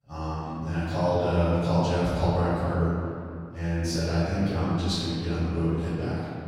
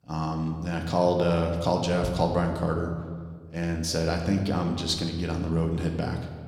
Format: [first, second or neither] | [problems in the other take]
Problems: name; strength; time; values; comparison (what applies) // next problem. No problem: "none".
second | room echo; strong; dies away in 2.3 s; slight in the second // off-mic speech; far